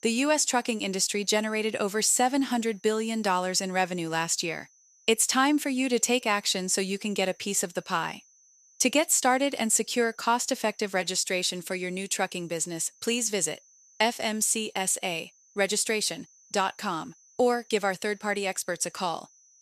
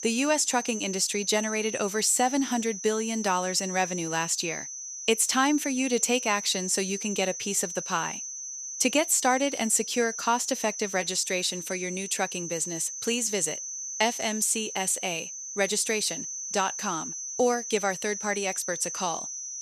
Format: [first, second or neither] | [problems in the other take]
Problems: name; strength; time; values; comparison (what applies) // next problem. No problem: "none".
first | high-pitched whine; loud; throughout; 6 kHz, 7 dB below the speech; faint in the first